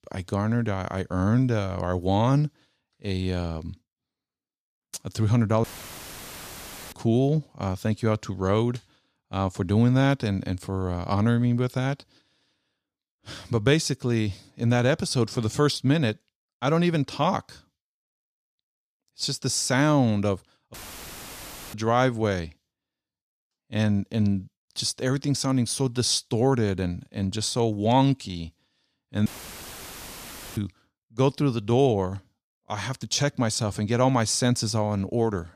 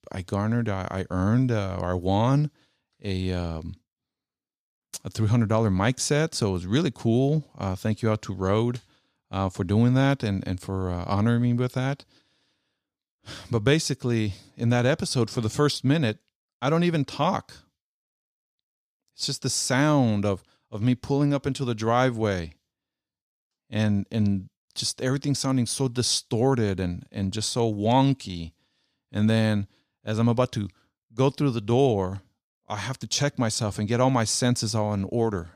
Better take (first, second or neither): second